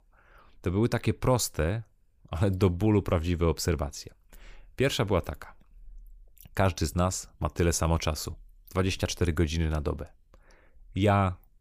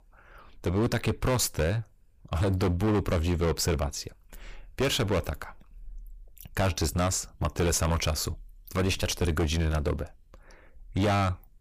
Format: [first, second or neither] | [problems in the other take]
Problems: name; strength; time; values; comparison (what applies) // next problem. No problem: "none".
first | distortion; heavy; 14% of the sound clipped